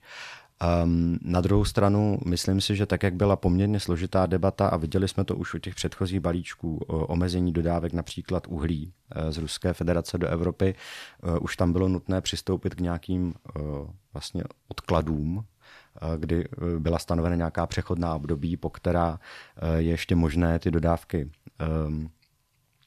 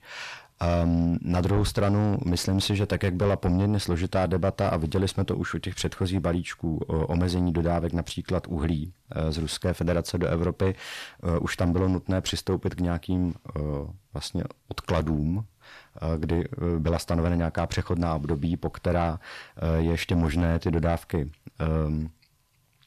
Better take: first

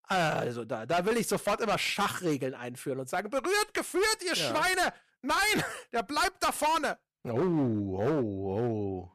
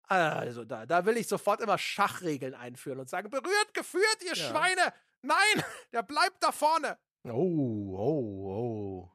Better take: second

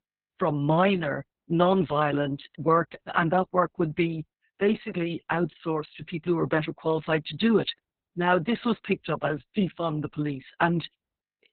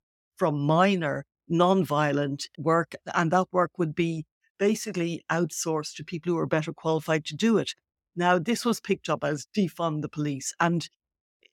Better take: second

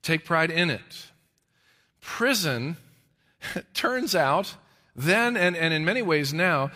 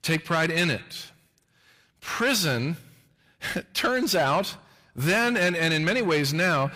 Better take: first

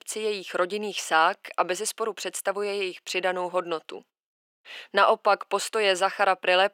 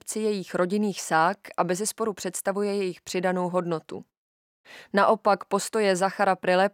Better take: second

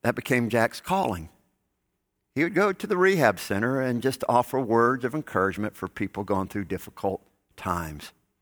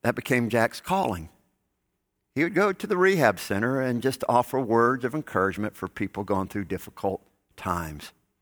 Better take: neither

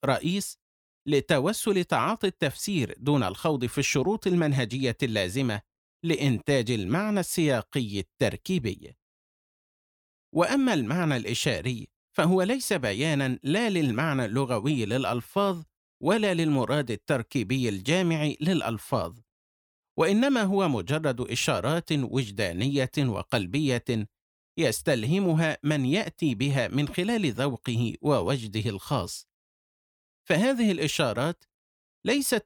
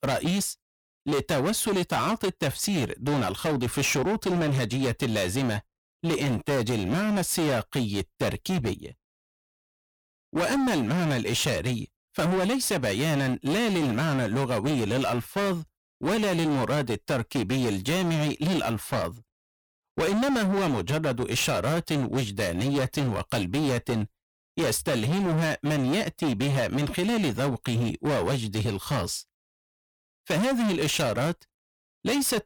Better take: first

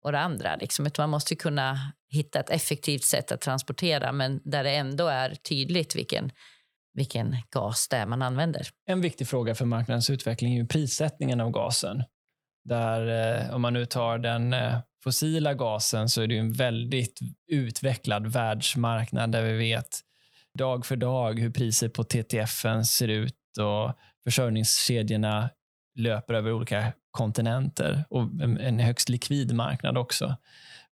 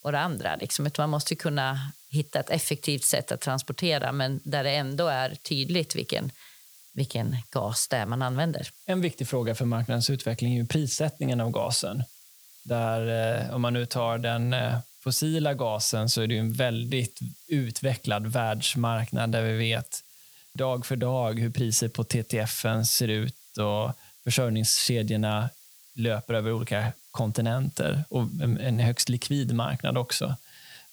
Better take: first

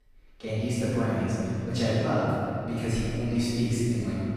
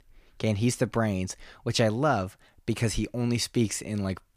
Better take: second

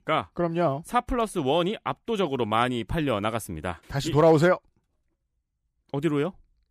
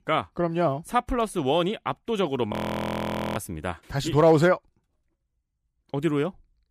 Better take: first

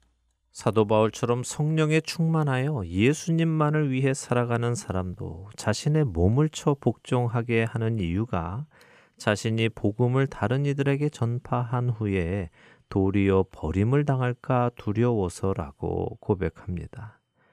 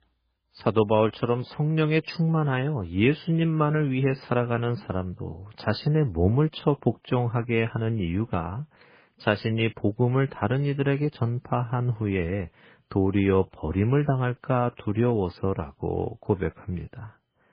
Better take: first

